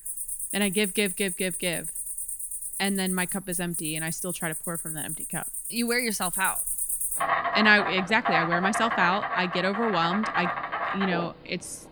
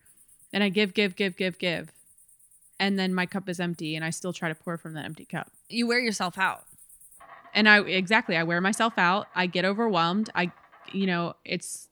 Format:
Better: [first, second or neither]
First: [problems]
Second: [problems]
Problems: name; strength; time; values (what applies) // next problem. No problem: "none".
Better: second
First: animal sounds; loud; throughout; 2 dB below the speech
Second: animal sounds; faint; throughout; 25 dB below the speech